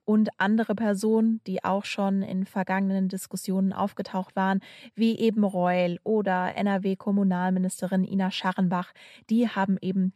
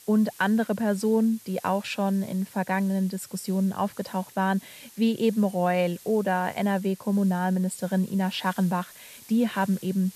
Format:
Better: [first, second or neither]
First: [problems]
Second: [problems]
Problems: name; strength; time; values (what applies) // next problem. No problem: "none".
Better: first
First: none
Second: hiss; faint; throughout; 20 dB below the speech